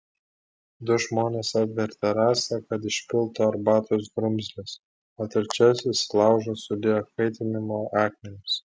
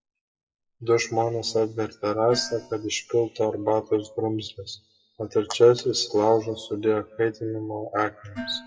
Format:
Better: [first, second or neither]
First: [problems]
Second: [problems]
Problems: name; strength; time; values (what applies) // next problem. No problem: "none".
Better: first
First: none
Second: noise reduction (classical method WPE with log-MMSE)